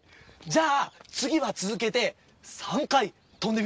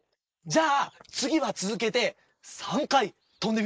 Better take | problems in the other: first | noise reduction (neural mask model Resemble Enhance denoiser)

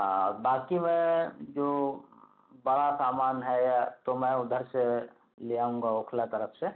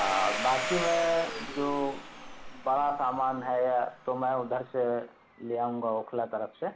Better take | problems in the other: first | background sound (Domestic sounds, home sounds); 8 dB below the speech

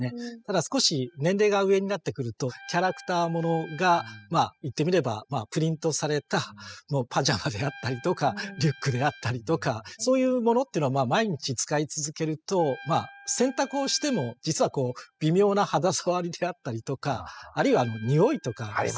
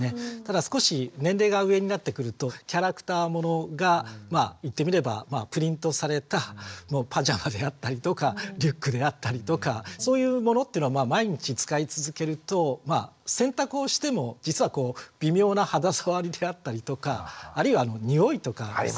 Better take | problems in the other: second | noise reduction (classical method spectral subtraction)

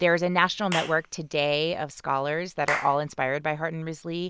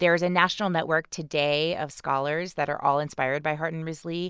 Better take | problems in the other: second | background sound (Clapping / Chirp, tweet); 12 dB below the speech

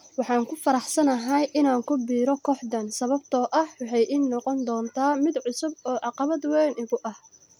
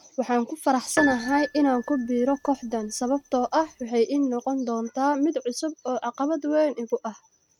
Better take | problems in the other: first | noise reduction (neural mask model RNNoise)

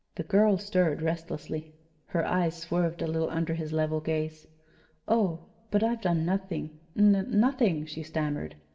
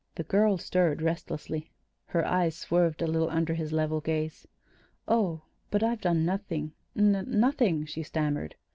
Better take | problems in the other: second | room echo; dies away in 0.6 s

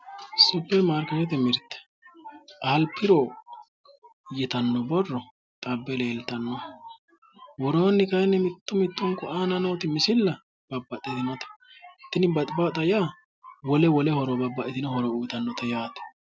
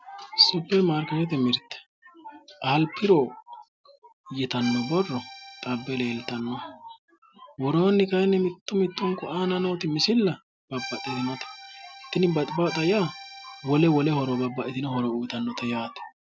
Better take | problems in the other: first | background sound (Accordion); 15 dB below the speech

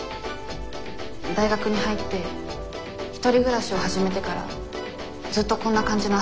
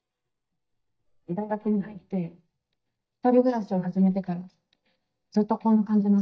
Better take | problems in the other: first | noise reduction (neural mask model DeepFilterNet 3)

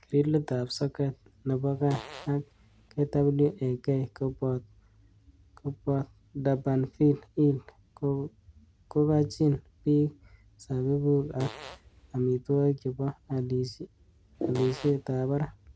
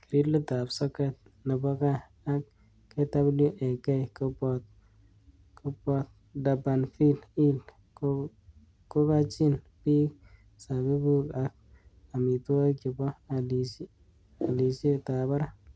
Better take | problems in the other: second | background sound (Fart); 17 dB below the speech

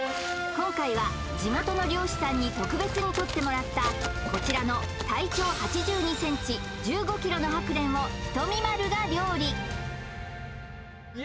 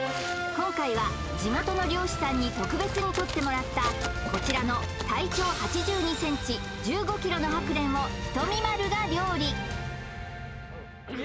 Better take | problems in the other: first | background sound (Cough); 18 dB below the speech

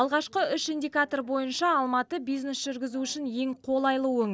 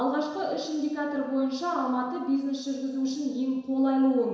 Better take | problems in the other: first | room echo; dies away in 1 s

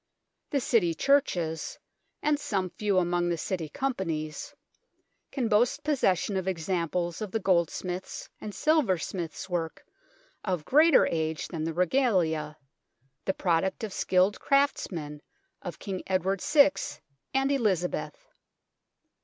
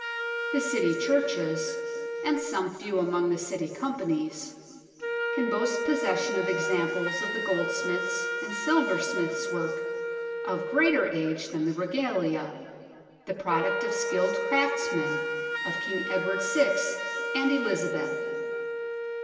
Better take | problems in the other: first | background sound (Wind instrument, woodwind instrument); 2 dB below the speech // room echo; dies away in 2.3 s

